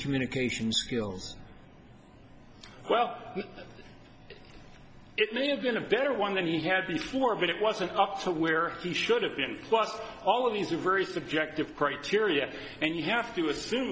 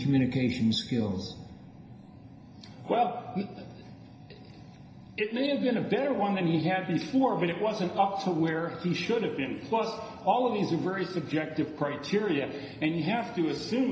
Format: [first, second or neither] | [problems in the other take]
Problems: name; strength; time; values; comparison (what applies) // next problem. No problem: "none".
first | room echo; dies away in 0.9 s